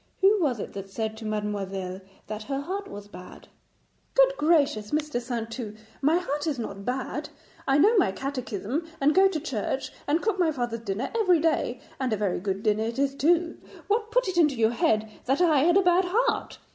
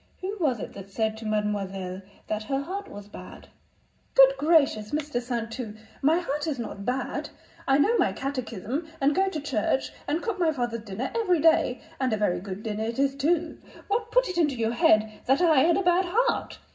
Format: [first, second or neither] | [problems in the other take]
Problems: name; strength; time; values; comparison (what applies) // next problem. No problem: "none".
first | room echo; dies away in 0.4 s